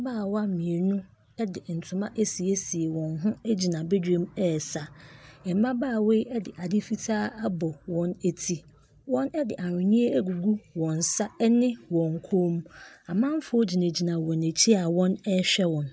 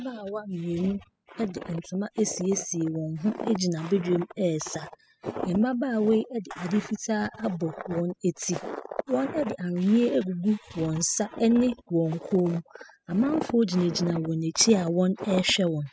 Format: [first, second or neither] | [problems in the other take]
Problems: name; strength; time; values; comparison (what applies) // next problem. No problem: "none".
first | noise reduction (classical method spectral subtraction)